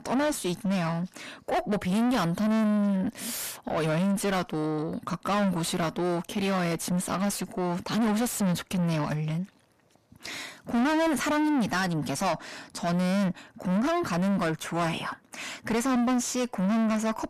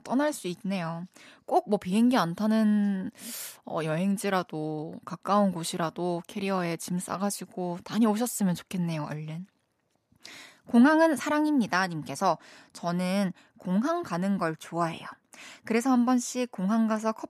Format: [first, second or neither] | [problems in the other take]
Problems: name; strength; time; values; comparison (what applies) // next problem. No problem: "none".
second | distortion; heavy; 5 dB below the speech